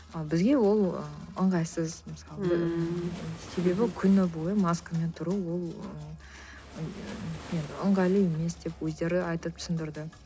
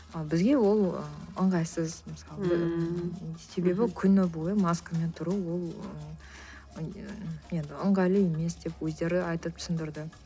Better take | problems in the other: second | background sound (Waves, surf); 18 dB below the speech

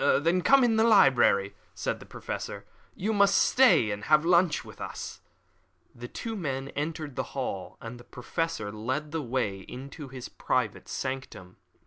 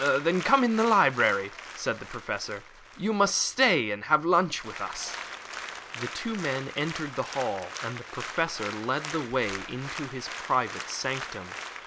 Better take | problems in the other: first | background sound (Applause); 11 dB below the speech

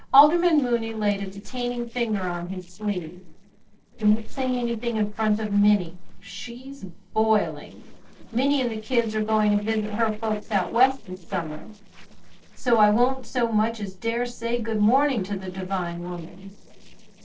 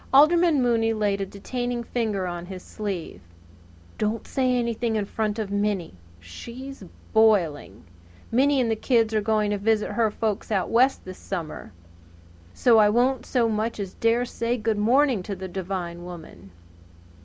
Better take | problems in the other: second | noise reduction (neural separator model SepFormer DNS4)

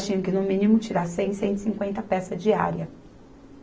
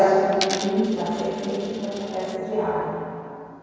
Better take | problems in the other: first | background sound (Coin (dropping)); 12 dB below the speech // room echo; dies away in 2.2 s

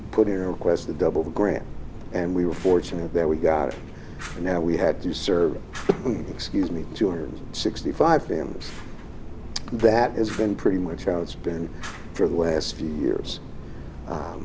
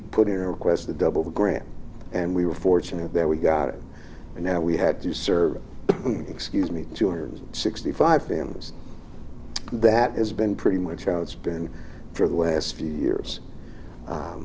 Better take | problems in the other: second | background sound (Fire); 16 dB below the speech

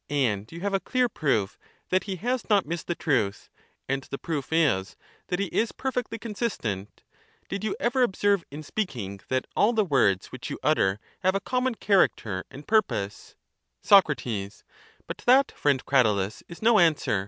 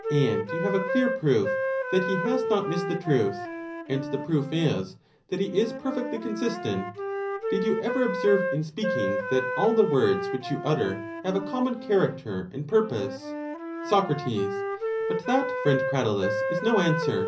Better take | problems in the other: first | background sound (Wind instrument, woodwind instrument); 4 dB below the speech // room echo; dies away in 0.5 s

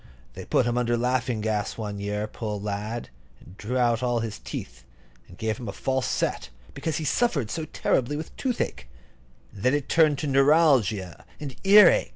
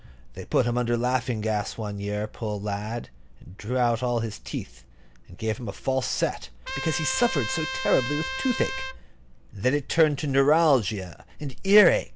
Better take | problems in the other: first | background sound (Trumpet); 7 dB below the speech

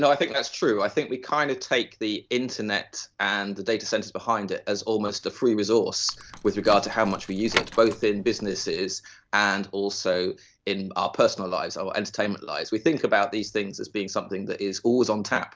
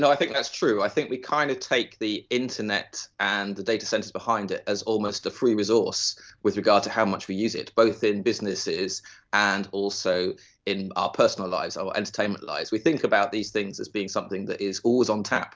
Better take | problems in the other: second | background sound (Door / Car); 10 dB below the speech

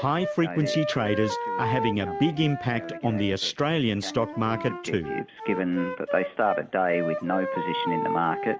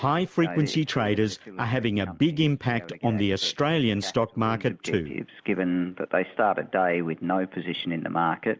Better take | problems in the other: second | background sound (Wind instrument, woodwind instrument); 6 dB below the speech

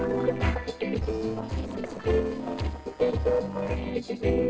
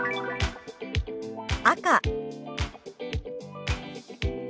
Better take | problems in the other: second | noise reduction (neural separator model SepFormer DNS4)

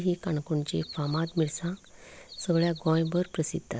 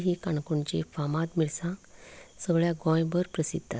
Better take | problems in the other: second | background sound (Bird vocalization, bird call, bird song); 18 dB below the speech

